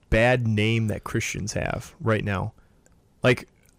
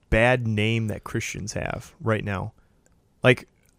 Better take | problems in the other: second | distortion; slight; 10 dB below the speech

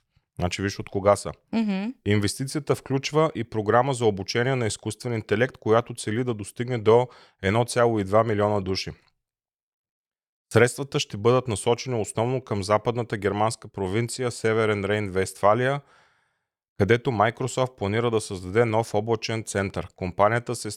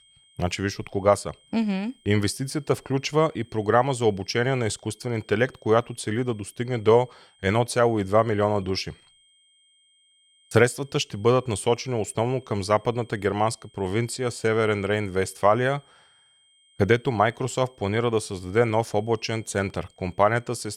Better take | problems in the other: first | high-pitched whine; faint; throughout; 3 kHz, 30 dB below the speech

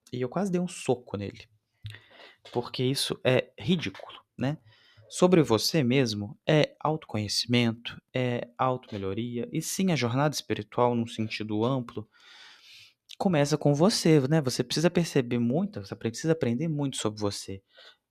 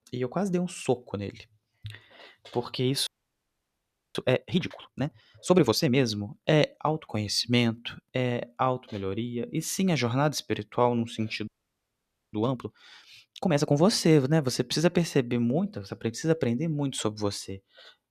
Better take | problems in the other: first | audio freezing; at 3 s for 1 s and at 11 s for 1 s

